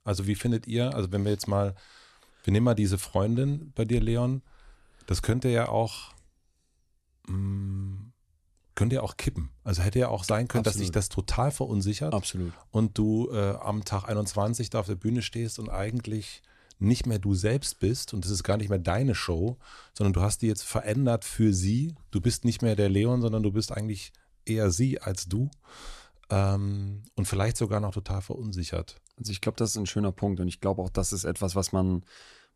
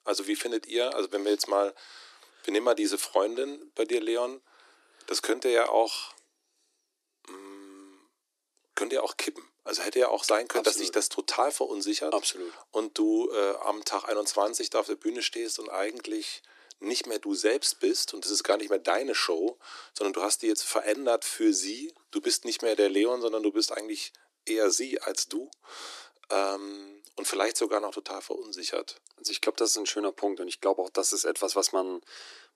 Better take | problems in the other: first | thin; very; fading below 300 Hz

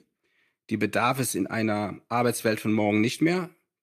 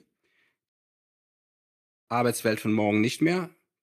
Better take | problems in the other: first | audio cutting out; at 0.5 s for 1.5 s

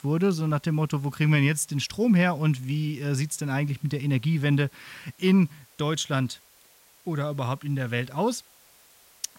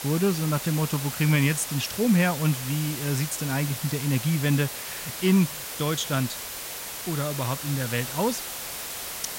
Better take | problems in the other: first | hiss; loud; throughout; 6 dB below the speech; faint in the first

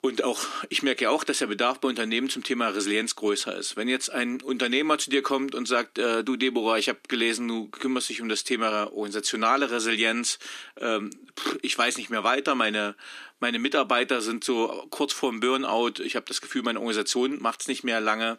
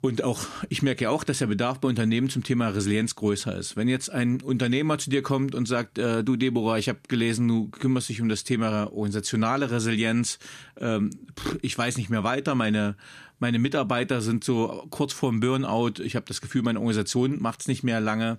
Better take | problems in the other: second | thin; somewhat; fading below 300 Hz

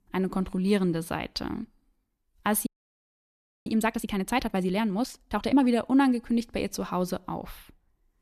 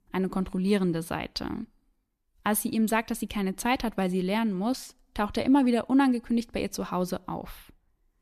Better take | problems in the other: second | audio freezing; at 2.5 s for 1 s

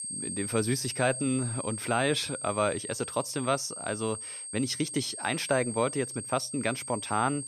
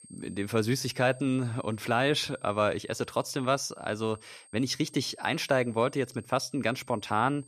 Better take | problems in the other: second | high-pitched whine; loud; throughout; 8.5 kHz, 6 dB below the speech; faint in the second

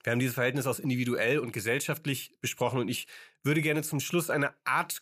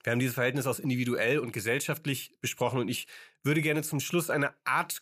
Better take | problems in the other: neither | none

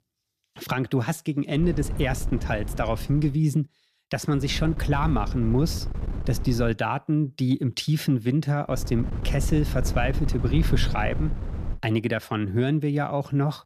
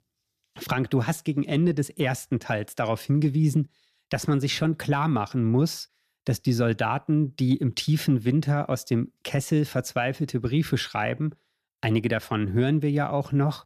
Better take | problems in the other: second | wind noise on the microphone; occasional gusts; from 1.5 to 3.5 s, from 4.5 to 6.5 s and from 8.5 to 12 s; 15 dB below the speech

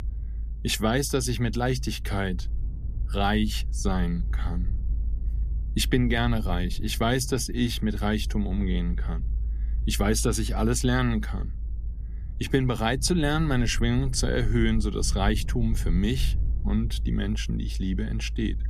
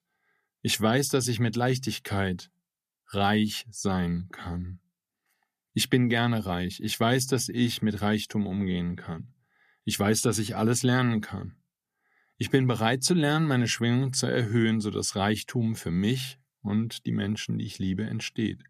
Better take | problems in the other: second | low rumble; faint; throughout; 20 dB below the speech

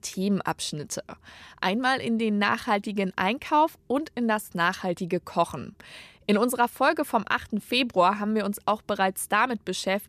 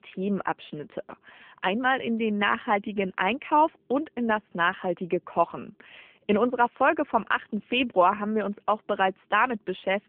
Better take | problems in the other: first | phone-call audio; nothing above 3 kHz

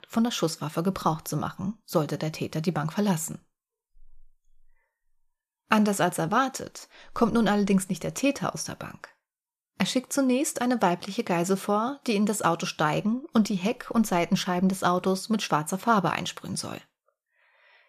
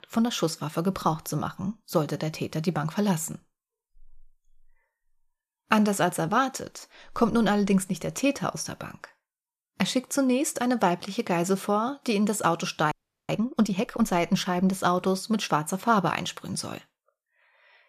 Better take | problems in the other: first | audio freezing; at 13 s

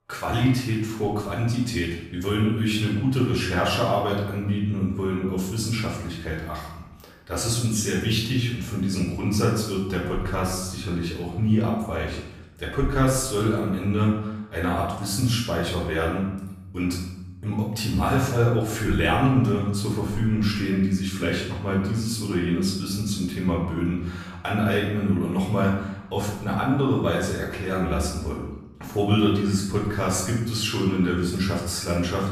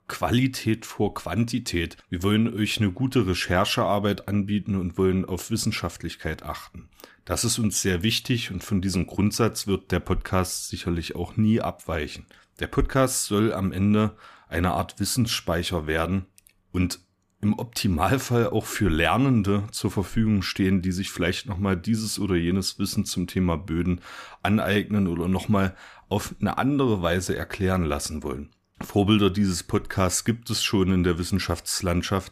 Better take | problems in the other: second | off-mic speech; far // room echo; noticeable; dies away in 0.8 s

